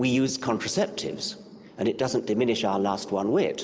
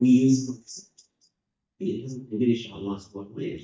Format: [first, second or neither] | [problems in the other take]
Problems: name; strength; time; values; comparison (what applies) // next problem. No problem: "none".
first | noise reduction (neural mask model DeepFilterNet 3)